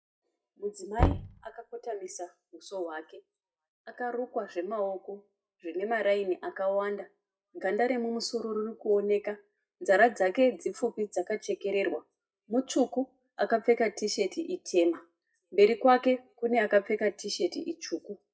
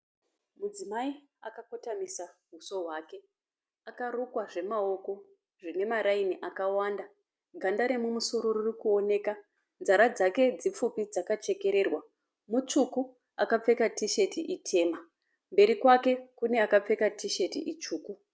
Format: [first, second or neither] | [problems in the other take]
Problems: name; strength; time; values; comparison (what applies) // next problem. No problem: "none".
second | noise reduction (classical method WPE with log-MMSE)